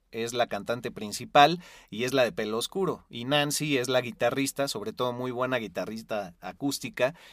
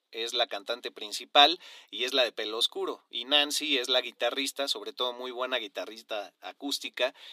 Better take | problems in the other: first | thin; very slightly; fading below 300 Hz

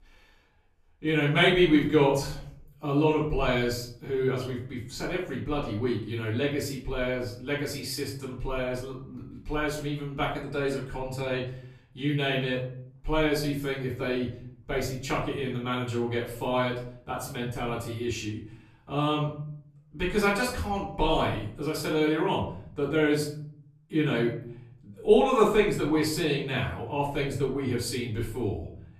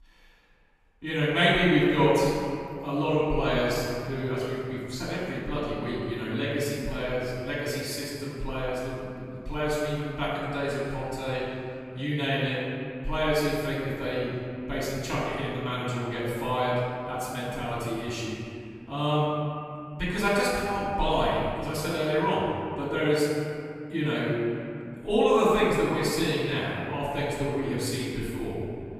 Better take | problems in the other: first | room echo; strong; dies away in 2.2 s; slight in the first // off-mic speech; far; far in the first

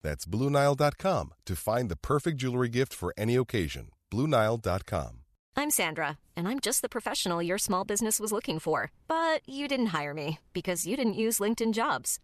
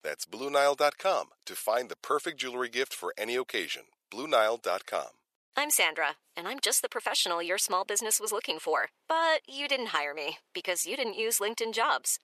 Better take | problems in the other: first | thin; very; fading below 450 Hz

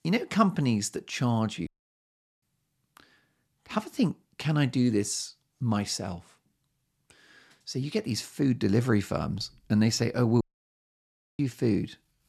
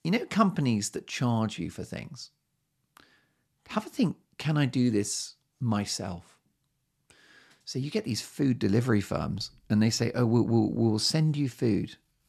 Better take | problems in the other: second | audio cutting out; at 1.5 s for 1 s and at 10 s for 1 s

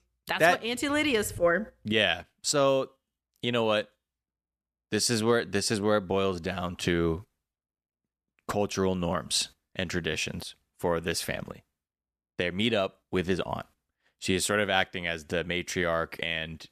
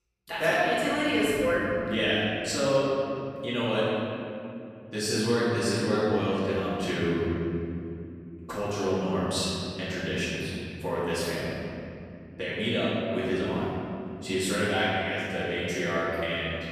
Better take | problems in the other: first | room echo; strong; dies away in 3 s // off-mic speech; far

